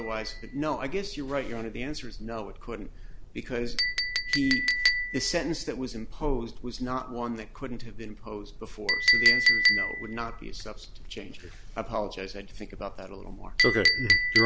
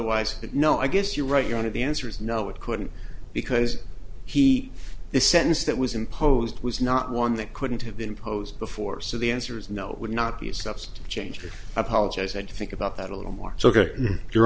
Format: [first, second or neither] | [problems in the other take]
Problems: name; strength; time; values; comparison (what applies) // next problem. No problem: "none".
second | background sound (Chink, clink); 2 dB above the speech